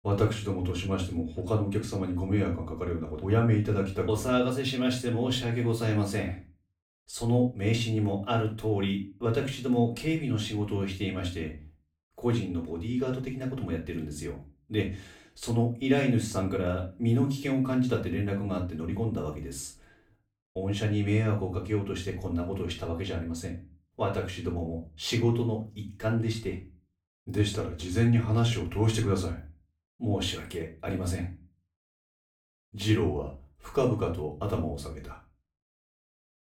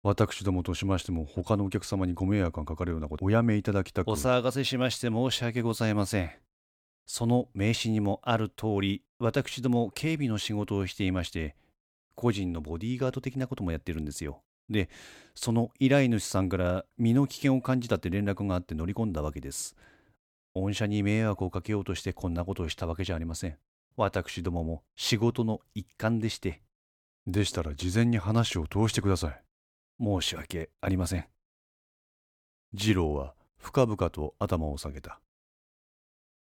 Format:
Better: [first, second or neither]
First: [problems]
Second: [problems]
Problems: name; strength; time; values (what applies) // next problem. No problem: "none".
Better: second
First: off-mic speech; far // room echo; slight; dies away in 0.3 s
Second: none